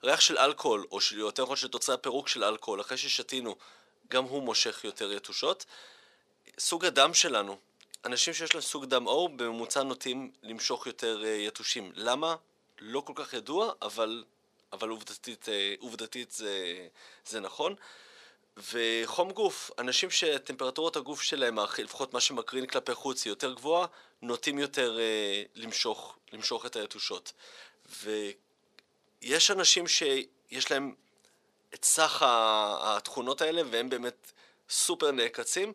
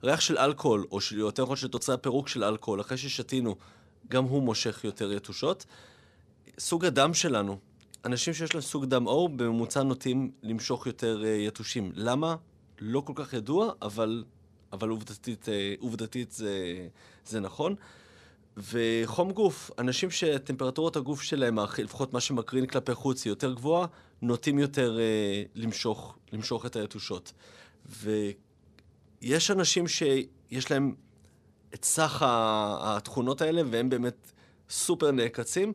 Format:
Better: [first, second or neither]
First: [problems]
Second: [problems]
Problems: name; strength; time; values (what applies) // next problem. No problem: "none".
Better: second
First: thin; somewhat; fading below 500 Hz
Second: none